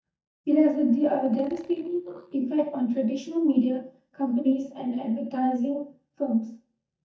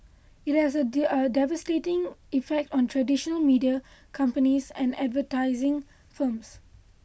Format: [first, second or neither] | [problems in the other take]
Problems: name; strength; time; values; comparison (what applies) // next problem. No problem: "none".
second | noise reduction (neural mask model DeepFilterNet 3)